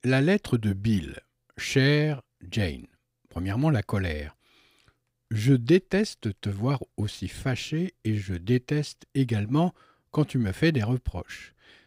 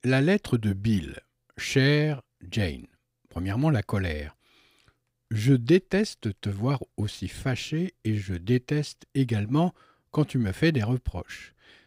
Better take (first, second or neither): neither